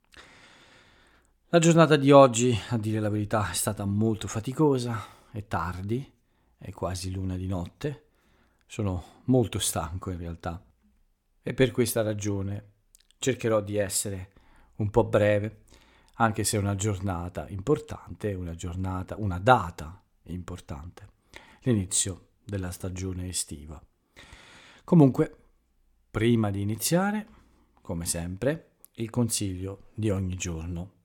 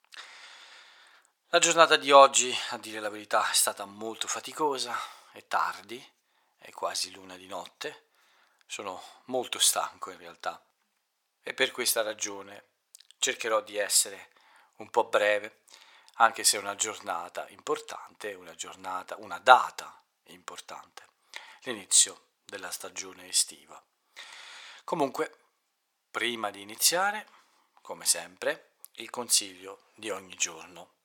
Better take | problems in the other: first | thin; very; fading below 850 Hz

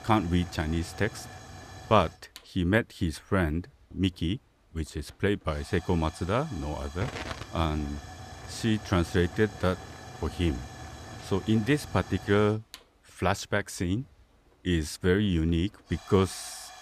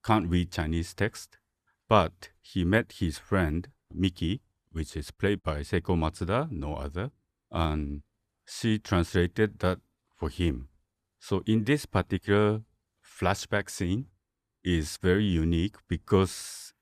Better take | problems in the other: second | hiss; noticeable; throughout; 15 dB below the speech

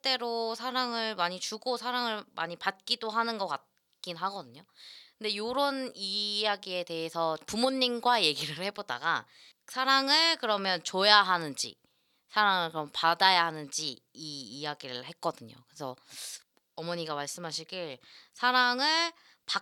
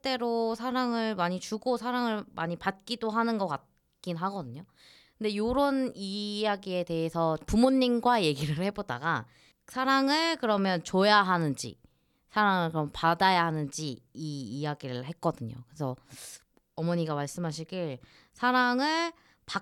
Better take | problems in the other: second | thin; somewhat; fading below 800 Hz

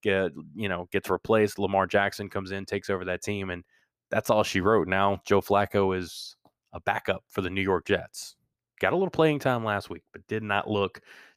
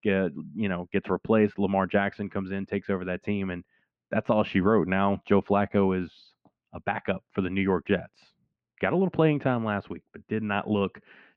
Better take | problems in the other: first | muffled; very; fading above 3 kHz

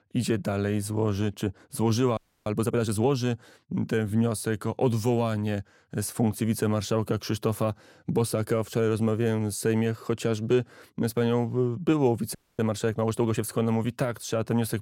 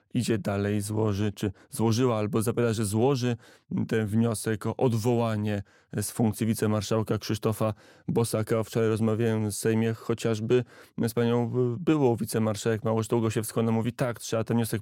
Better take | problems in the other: second | audio freezing; at 2 s and at 12 s

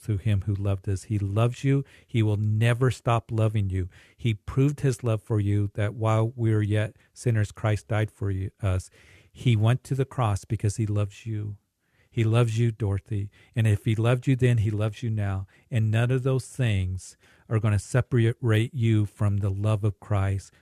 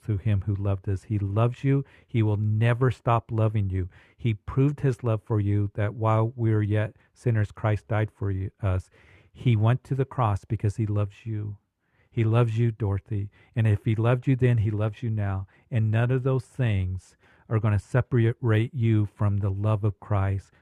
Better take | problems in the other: first | muffled; slightly; fading above 3.5 kHz

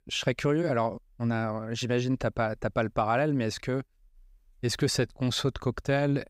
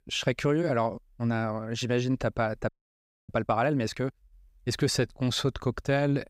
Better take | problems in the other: first | audio freezing; at 2.5 s for 0.5 s

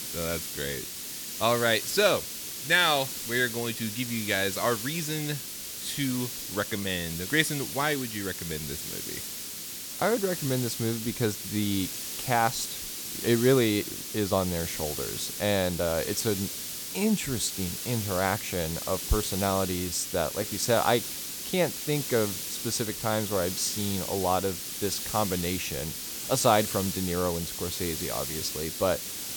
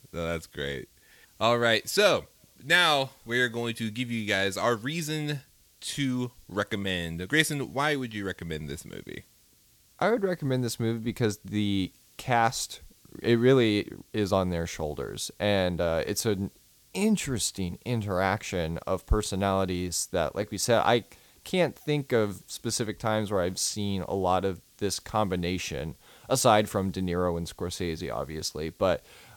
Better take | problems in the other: second | hiss; loud; throughout; 4 dB below the speech; faint in the second

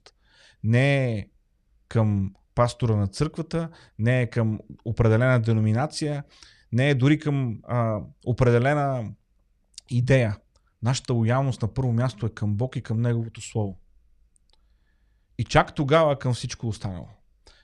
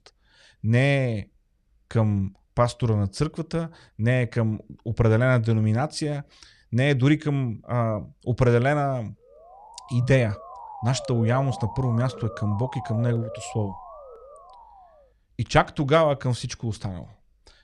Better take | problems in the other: first | siren; faint; from 9.5 to 15 s; peak 10 dB below the speech

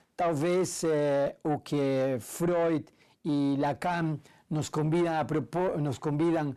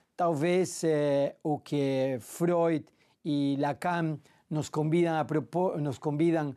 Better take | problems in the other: second | distortion; slight; 10 dB below the speech

